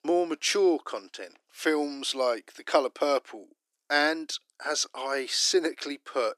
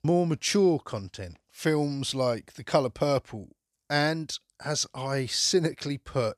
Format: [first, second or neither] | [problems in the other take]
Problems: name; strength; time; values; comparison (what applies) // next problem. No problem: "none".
second | thin; somewhat; fading below 300 Hz